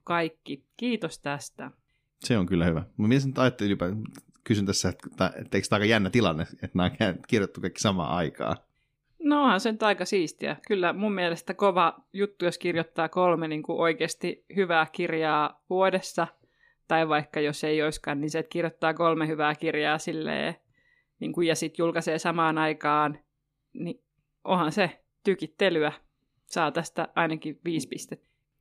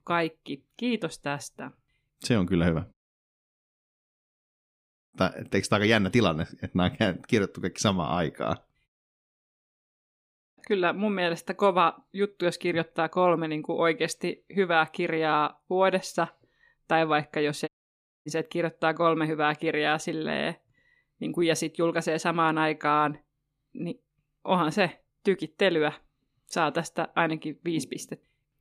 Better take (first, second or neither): first